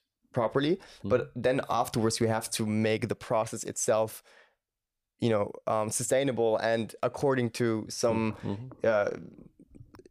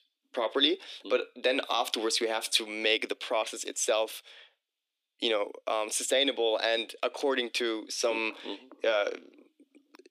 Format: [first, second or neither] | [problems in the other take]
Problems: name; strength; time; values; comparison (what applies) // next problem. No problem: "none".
first | thin; somewhat; fading below 250 Hz